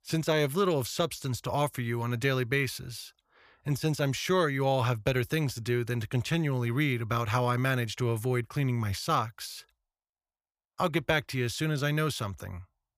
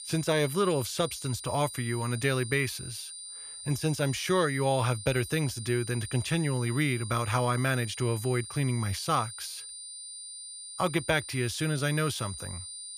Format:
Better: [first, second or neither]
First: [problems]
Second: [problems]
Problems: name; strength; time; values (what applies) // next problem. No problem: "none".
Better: first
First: none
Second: high-pitched whine; noticeable; throughout; 9 kHz, 10 dB below the speech